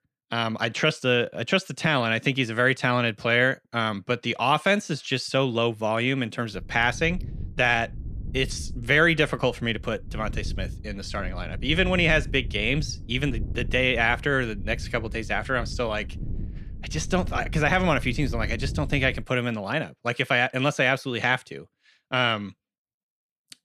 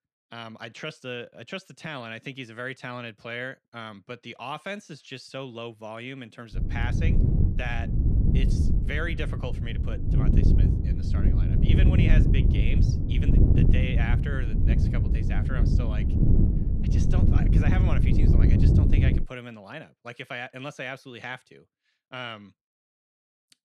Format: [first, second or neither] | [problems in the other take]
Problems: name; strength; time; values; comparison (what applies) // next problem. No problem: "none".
first | wind noise on the microphone; heavy; from 6.5 to 19 s; as loud as the speech; occasional gusts in the first